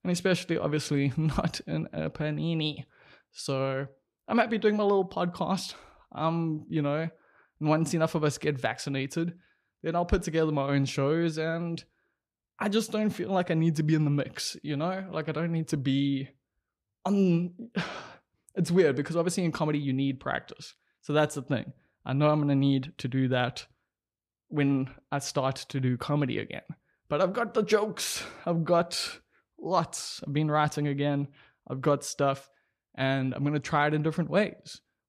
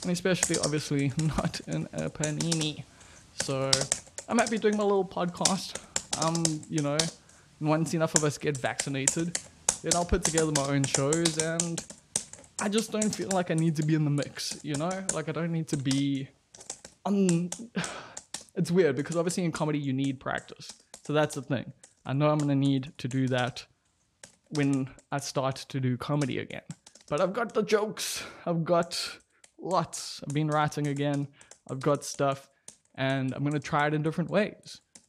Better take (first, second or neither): first